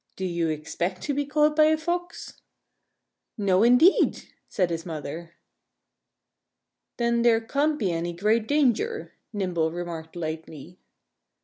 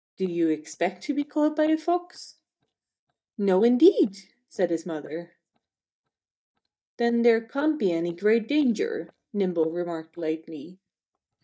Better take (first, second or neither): first